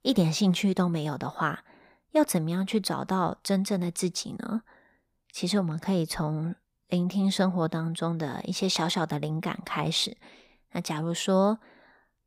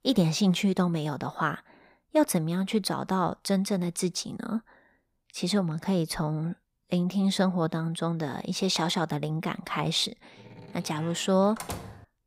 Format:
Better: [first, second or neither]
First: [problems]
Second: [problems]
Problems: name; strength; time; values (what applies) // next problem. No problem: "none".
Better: first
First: none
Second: door banging; noticeable; from 10 s on; peak 9 dB below the speech